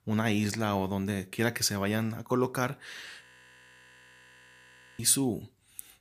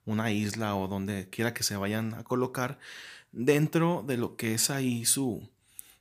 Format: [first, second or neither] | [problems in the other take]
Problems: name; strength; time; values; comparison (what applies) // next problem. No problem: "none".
second | audio freezing; at 3 s for 2 s